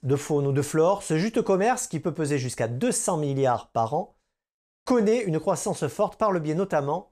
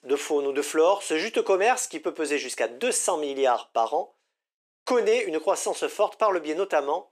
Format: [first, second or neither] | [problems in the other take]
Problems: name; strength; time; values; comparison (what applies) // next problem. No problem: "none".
first | thin; somewhat; fading below 300 Hz